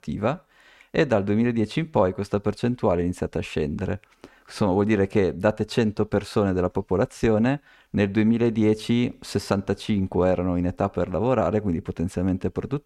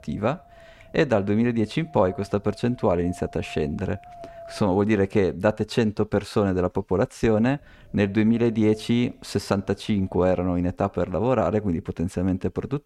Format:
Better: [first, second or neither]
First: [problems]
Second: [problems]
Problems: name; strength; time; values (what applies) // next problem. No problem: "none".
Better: first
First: none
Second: wind noise on the microphone; occasional gusts; until 4.5 s and from 7.5 to 11 s; 20 dB below the speech